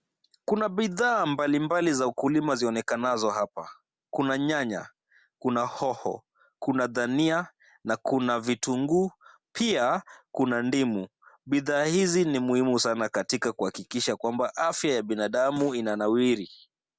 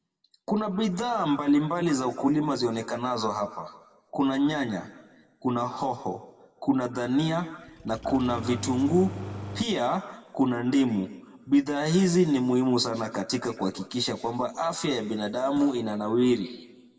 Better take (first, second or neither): first